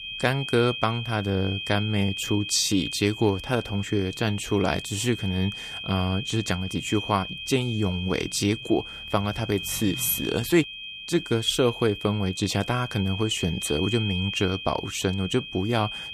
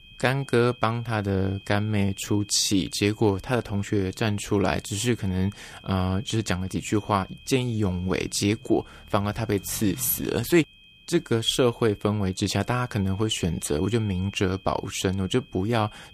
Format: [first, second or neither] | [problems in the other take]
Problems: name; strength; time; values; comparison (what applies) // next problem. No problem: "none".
second | high-pitched whine; loud; throughout; 3 kHz, 8 dB below the speech; faint in the second